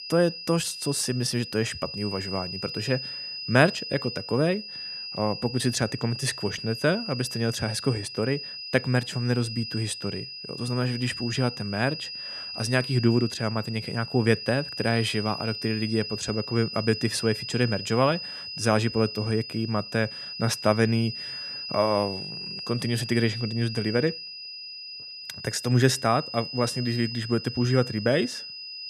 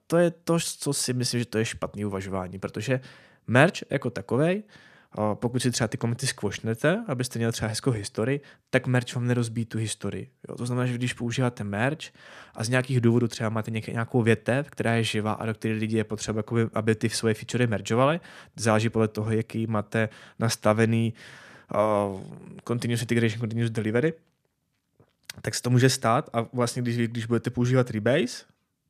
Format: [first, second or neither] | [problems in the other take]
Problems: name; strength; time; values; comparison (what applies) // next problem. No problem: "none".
second | high-pitched whine; loud; throughout; 5 kHz, 8 dB below the speech